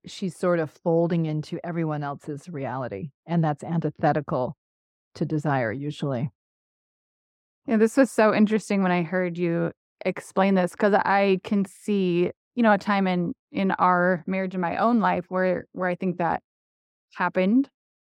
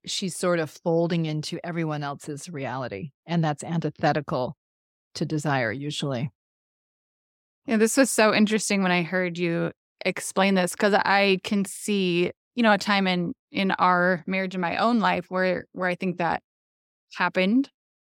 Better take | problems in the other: second | muffled; slightly; fading above 2 kHz

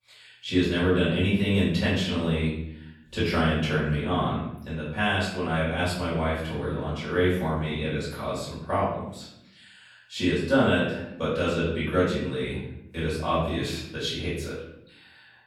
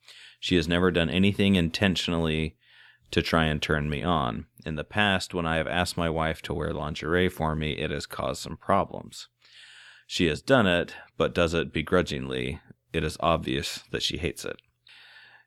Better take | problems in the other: second | off-mic speech; far // room echo; noticeable; dies away in 0.7 s

